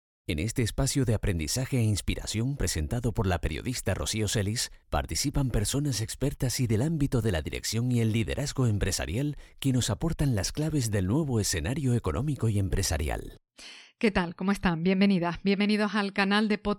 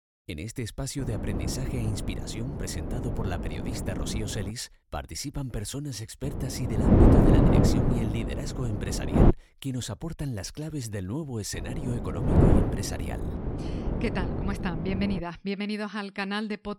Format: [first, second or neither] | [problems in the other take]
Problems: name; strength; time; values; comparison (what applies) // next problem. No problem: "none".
first | wind noise on the microphone; heavy; from 1 to 4.5 s, from 6 to 9.5 s and from 12 to 15 s; 4 dB above the speech